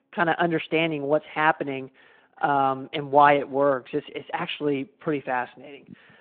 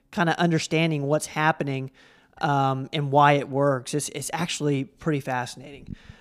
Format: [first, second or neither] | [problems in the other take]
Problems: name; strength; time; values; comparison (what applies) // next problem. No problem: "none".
second | phone-call audio